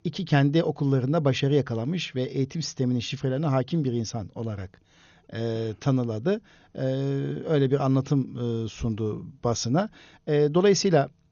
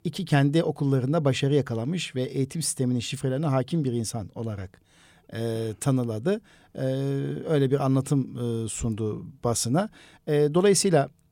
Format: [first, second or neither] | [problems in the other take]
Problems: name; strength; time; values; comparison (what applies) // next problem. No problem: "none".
second | garbled, watery; slightly; nothing above 6.5 kHz